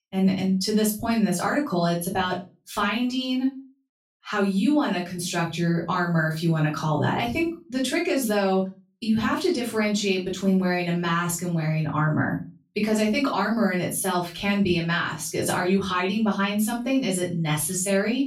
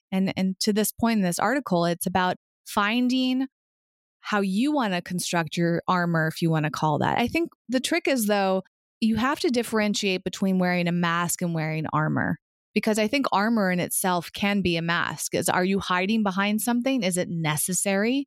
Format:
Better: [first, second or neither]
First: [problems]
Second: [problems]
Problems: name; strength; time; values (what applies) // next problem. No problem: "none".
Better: second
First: off-mic speech; far // room echo; slight; dies away in 0.3 s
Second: none